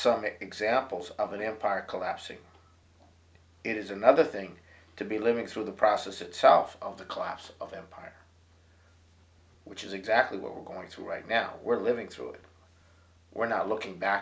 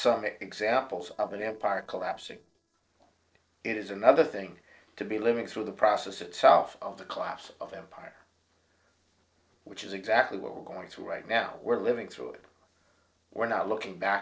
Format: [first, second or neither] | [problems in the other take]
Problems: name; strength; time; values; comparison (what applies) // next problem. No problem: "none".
first | noise reduction (neural separator model SepFormer DNS4)